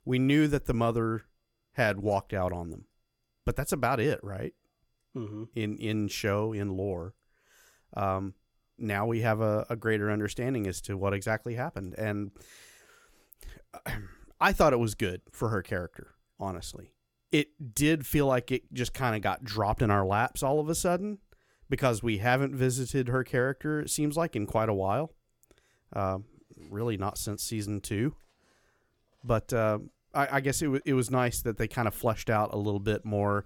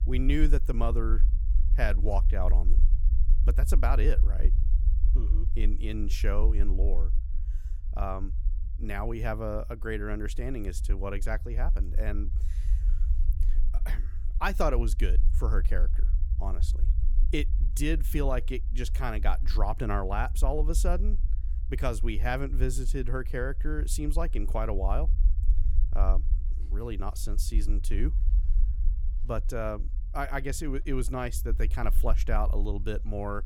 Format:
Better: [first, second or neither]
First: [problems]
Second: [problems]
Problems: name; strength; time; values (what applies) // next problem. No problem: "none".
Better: first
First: none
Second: low rumble; noticeable; throughout; 15 dB below the speech